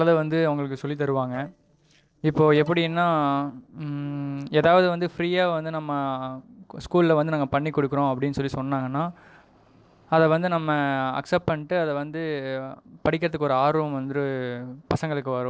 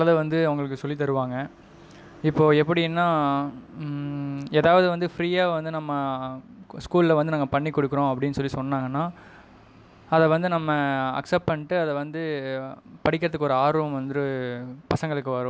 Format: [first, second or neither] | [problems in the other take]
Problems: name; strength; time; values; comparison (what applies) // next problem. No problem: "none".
second | noise reduction (neural separator model SepFormer DNS4)